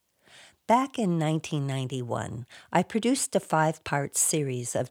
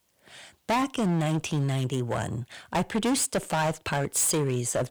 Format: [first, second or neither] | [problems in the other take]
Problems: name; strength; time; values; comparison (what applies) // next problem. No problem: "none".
first | distortion; heavy; 14% of the sound clipped